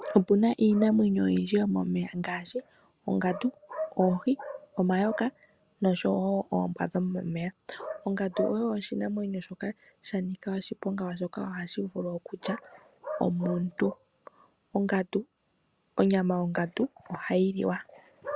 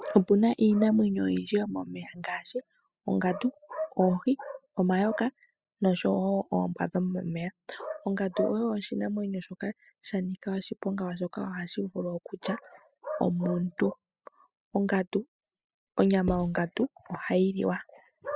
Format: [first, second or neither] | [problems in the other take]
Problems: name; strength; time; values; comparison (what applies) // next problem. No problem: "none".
first | noise reduction (classical method spectral subtraction)